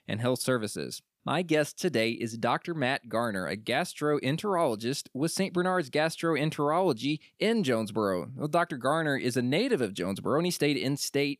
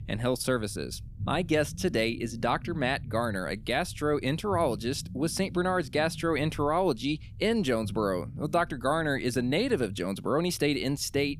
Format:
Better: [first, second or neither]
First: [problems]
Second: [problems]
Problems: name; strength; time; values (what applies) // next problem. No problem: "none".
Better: first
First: none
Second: low rumble; faint; throughout; 25 dB below the speech